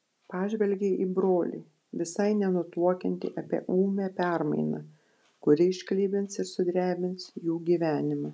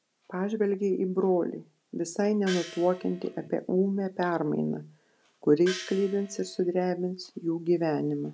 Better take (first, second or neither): first